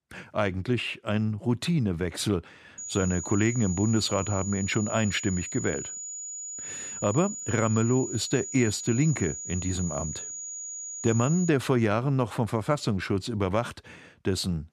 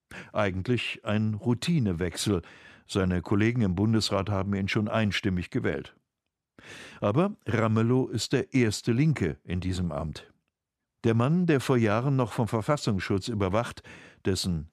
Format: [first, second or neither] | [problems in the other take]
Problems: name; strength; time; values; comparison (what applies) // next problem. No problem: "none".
second | high-pitched whine; loud; from 3 to 11 s; 7 kHz, 7 dB below the speech